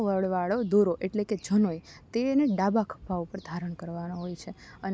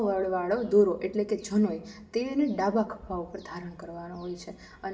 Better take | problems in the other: first | room echo; dies away in 0.6 s

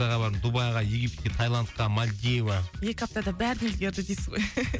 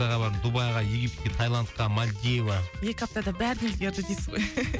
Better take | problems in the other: first | background sound (Electric guitar); 18 dB below the speech

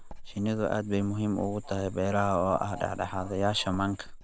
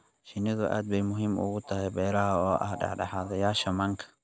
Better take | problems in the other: second | background sound (Writing); 15 dB below the speech

